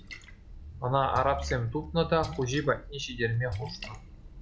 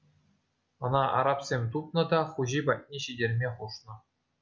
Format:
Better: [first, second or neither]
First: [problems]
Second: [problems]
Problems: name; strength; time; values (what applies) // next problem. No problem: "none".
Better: second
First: background sound (Splash, splatter); 10 dB below the speech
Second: none